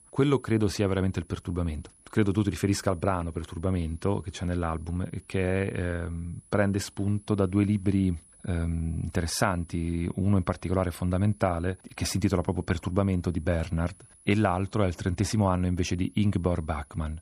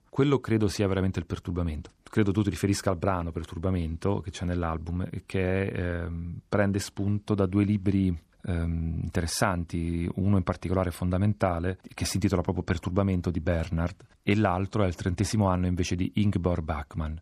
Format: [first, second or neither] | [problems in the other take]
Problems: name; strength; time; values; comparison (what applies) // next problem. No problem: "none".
second | high-pitched whine; faint; throughout; 10 kHz, 25 dB below the speech